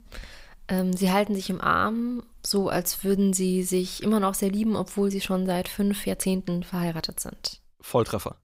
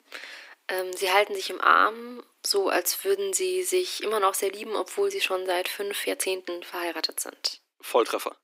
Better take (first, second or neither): first